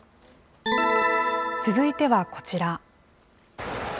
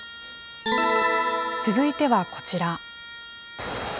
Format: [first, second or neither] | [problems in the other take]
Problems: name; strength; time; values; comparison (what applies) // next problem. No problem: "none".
first | background sound (Trumpet); 16 dB below the speech